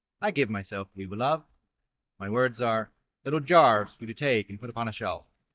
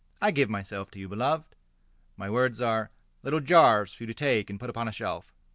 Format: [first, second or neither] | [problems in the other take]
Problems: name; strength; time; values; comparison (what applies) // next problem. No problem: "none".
second | noise reduction (neural mask model DeepFilterNet 3)